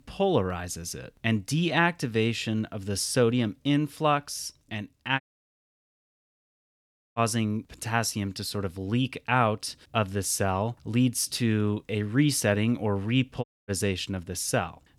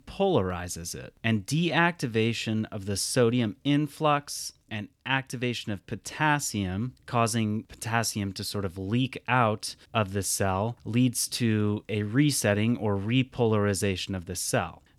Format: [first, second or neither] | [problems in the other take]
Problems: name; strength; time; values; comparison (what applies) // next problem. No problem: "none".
second | audio cutting out; at 5 s for 2 s and at 13 s